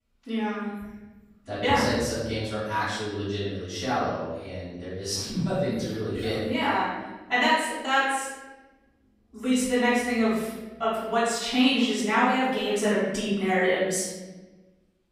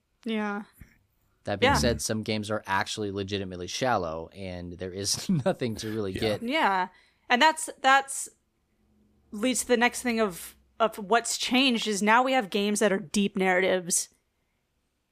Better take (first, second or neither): second